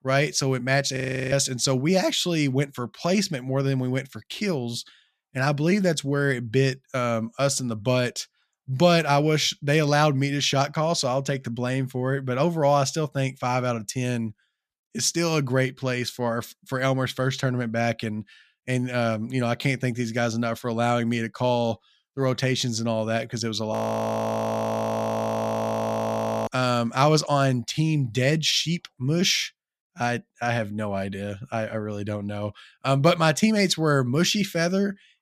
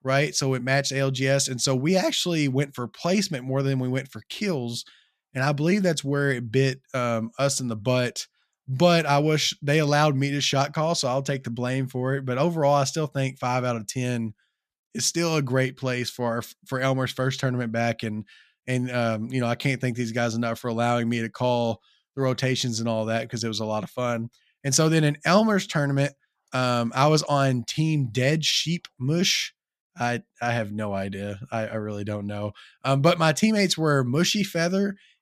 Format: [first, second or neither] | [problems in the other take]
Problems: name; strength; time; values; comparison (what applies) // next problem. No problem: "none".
second | audio freezing; at 1 s and at 24 s for 2.5 s